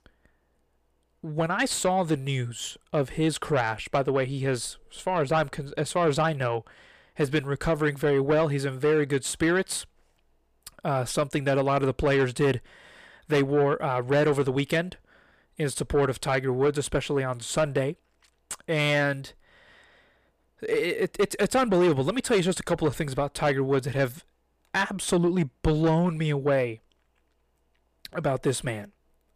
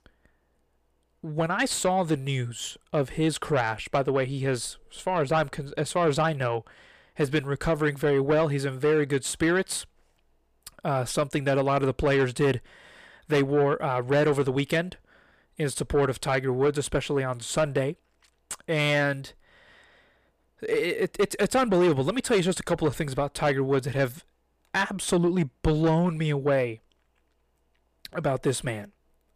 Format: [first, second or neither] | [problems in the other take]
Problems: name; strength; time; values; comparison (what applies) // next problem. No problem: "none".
neither | distortion; slight; 10 dB below the speech; the same in both